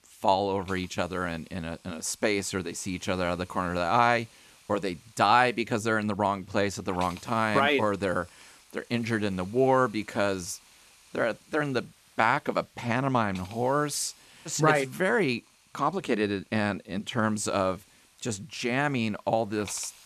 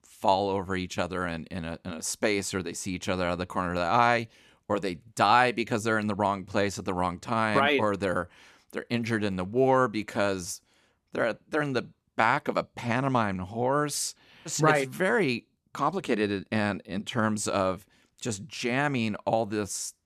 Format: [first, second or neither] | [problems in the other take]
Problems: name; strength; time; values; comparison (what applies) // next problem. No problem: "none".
second | hiss; faint; throughout; 25 dB below the speech